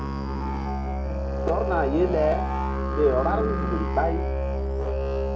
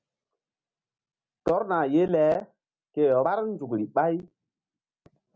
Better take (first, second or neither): second